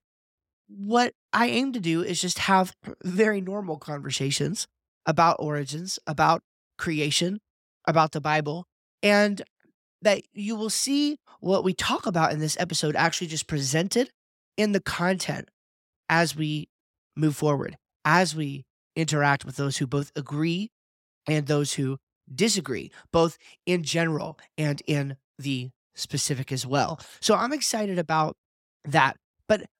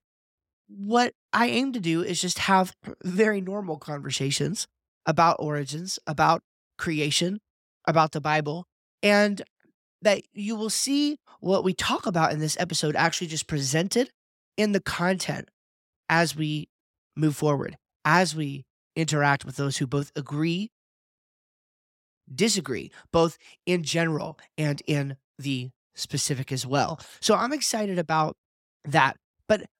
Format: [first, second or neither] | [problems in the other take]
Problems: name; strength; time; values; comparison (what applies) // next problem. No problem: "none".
first | audio cutting out; at 21 s for 1 s